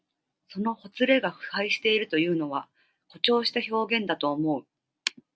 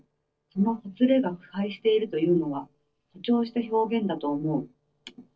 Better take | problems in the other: first | noise reduction (neural separator model SepFormer DNS4)

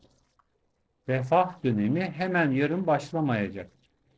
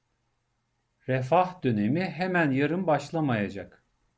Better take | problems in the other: second | noise reduction (neural separator model SepFormer DNS4)

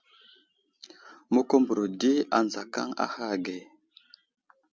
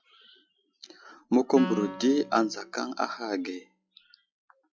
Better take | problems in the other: first | noise reduction (classical method log-MMSE)

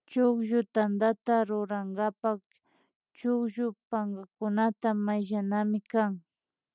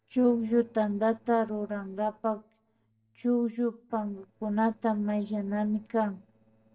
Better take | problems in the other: first | noise reduction (neural separator model SepFormer DNS4)

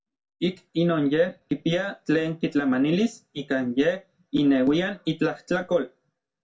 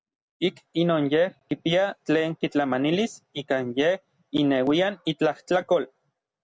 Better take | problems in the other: second | room echo; dies away in 0.2 s

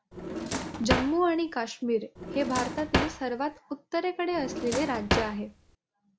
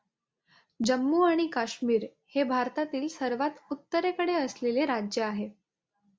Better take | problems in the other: second | background sound (Drawer open or close); 2 dB below the speech

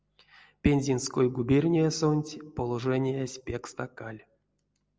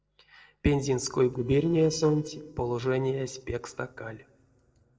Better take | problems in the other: first | noise reduction (neural separator model SepFormer DNS4)

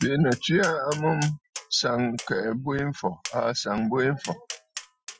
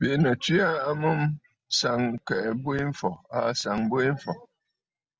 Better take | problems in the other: second | noise reduction (classical method Wiener filter)

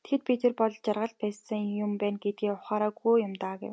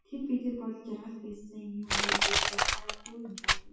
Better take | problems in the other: first | noise reduction (classical method WPE with log-MMSE)

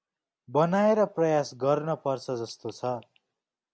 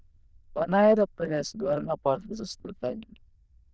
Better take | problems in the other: first | noise reduction (neural diffusion model UNIVERSE++)

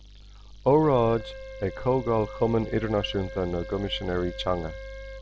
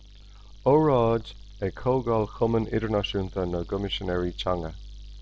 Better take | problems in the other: second | background sound (Wind instrument, woodwind instrument); 15 dB below the speech

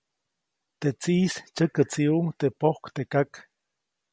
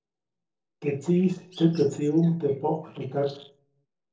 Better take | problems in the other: first | noise reduction (neural separator model SepFormer DNS4)

